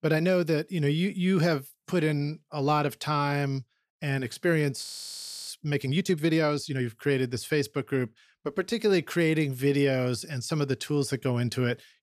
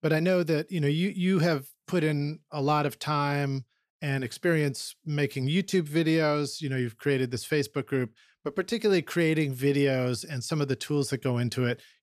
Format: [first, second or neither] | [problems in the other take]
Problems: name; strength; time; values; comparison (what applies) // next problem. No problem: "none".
second | audio freezing; at 5 s for 0.5 s